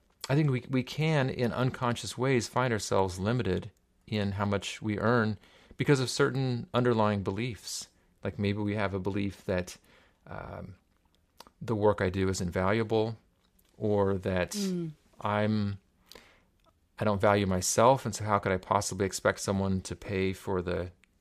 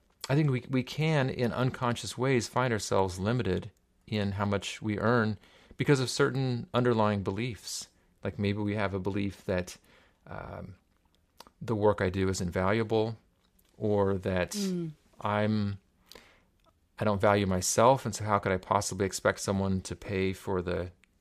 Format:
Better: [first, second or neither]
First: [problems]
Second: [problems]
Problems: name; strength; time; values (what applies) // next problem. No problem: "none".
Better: neither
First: none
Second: none